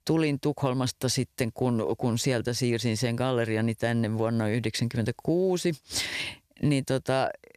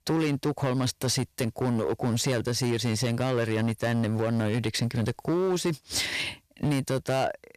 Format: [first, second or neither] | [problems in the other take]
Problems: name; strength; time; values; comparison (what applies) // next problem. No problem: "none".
first | distortion; slight; 13% of the sound clipped